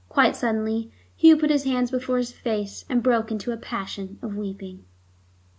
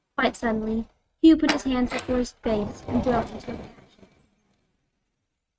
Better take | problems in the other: first | noise reduction (neural mask model RNNoise)

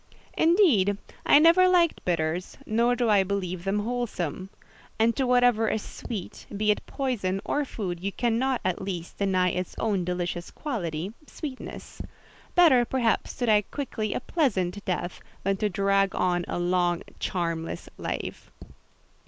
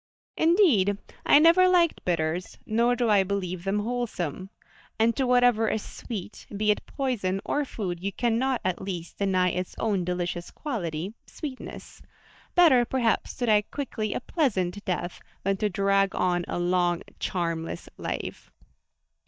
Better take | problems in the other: first | noise reduction (neural mask model DeepFilterNet 3)

